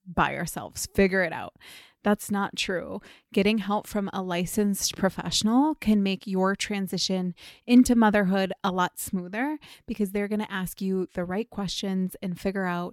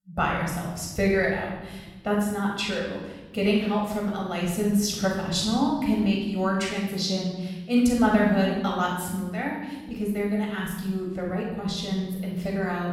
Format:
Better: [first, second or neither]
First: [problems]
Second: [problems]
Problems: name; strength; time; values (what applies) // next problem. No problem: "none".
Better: first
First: none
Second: off-mic speech; far // room echo; noticeable; dies away in 1.3 s